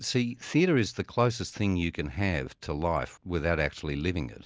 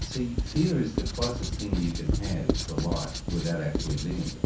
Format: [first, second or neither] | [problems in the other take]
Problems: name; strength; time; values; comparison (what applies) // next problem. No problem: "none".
first | background sound (Writing); as loud as the speech // room echo; dies away in 0.6 s